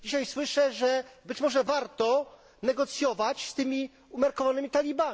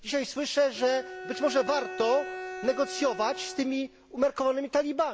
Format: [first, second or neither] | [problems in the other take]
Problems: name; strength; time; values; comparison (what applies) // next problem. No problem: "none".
first | background sound (Bowed string instrument); 11 dB below the speech